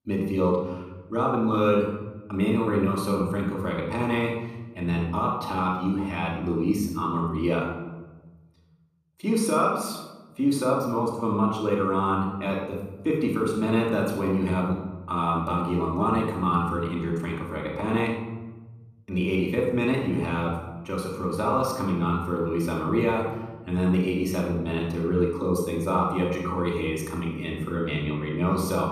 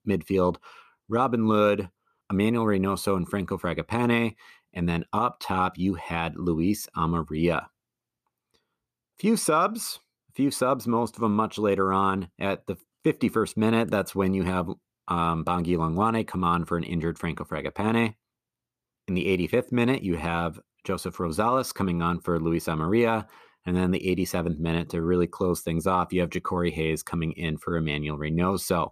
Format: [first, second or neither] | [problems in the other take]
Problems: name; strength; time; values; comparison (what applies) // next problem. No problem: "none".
second | off-mic speech; far // room echo; noticeable; dies away in 1.1 s